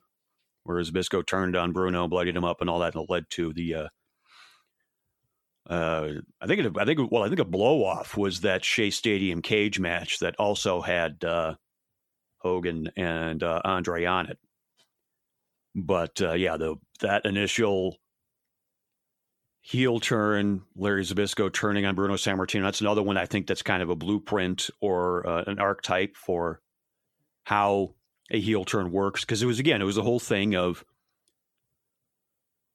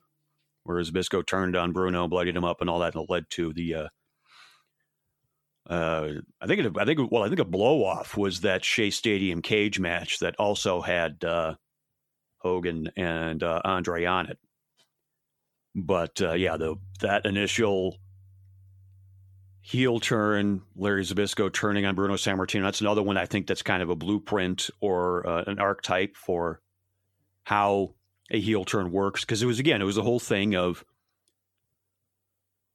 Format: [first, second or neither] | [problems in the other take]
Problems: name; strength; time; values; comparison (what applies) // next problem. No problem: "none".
first | background music; faint; throughout; 25 dB below the speech